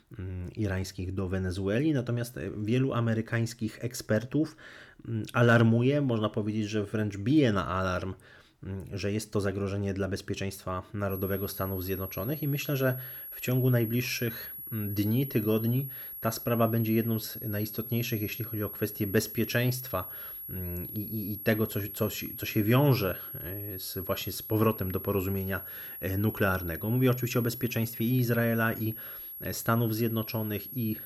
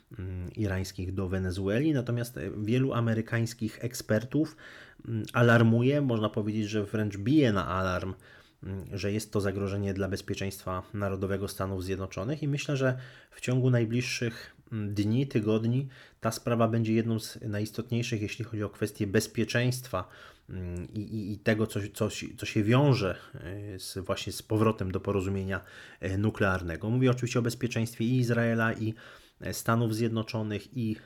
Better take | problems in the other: second | high-pitched whine; loud; from 11 s on; 11.5 kHz, 8 dB below the speech

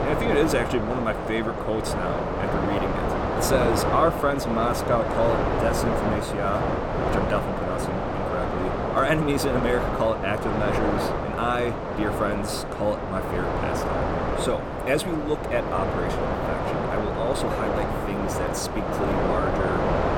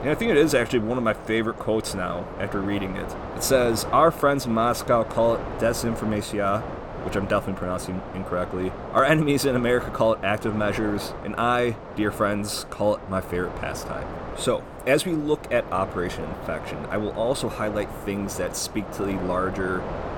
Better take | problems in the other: second | wind noise on the microphone; heavy; 1 dB above the speech; occasional gusts in the second

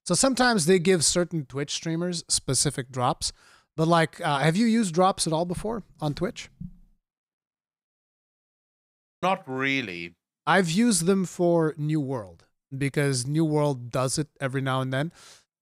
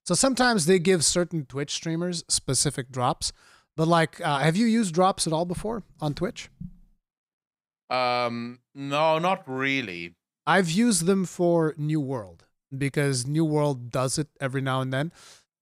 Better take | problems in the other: second | audio cutting out; at 8 s for 1.5 s

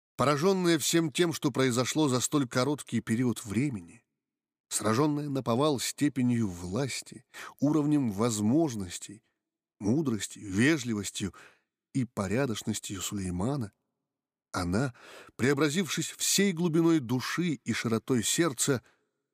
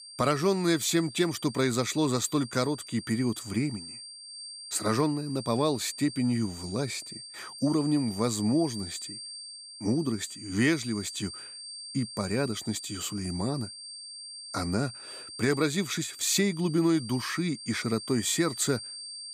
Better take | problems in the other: first | high-pitched whine; noticeable; throughout; 4.5 kHz, 10 dB below the speech

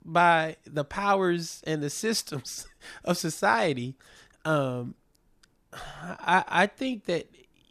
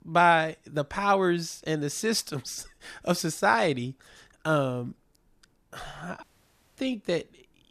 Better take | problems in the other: first | audio cutting out; at 6 s for 0.5 s

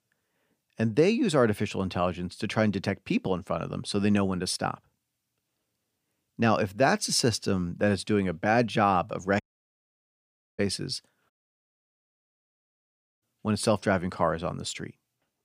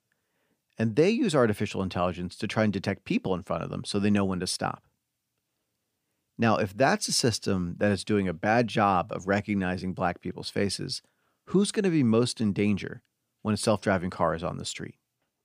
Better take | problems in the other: second | audio cutting out; at 9.5 s for 1 s and at 11 s for 2 s

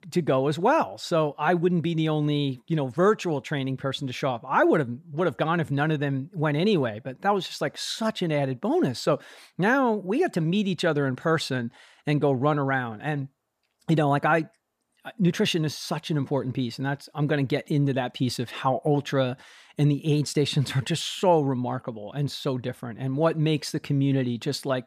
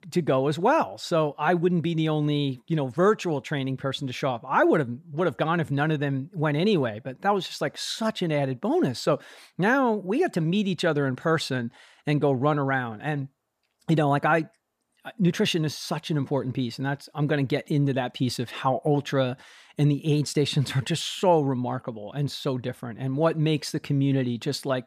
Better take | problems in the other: neither | none

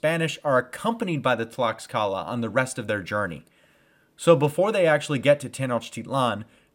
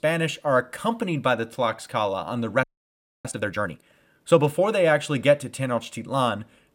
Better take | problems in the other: first | audio freezing; at 2.5 s for 0.5 s

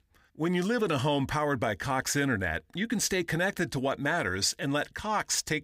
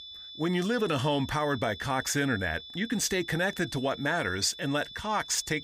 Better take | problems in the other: first | high-pitched whine; noticeable; throughout; 3.5 kHz, 15 dB below the speech

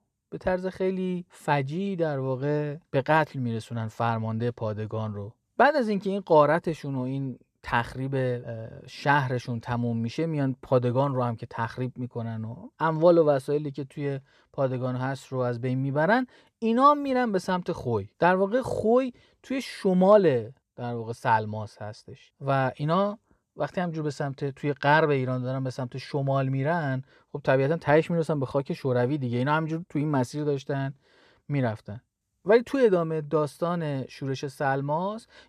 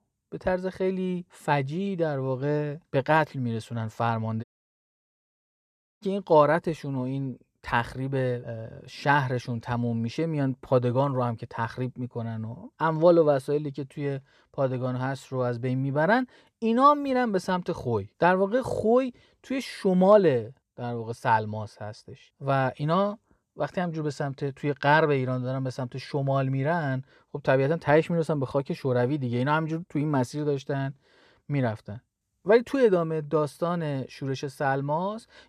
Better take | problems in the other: first | audio cutting out; at 4.5 s for 1.5 s

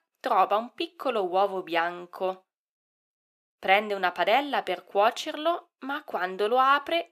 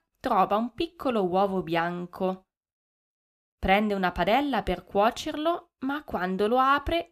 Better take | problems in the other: second | thin; somewhat; fading below 450 Hz

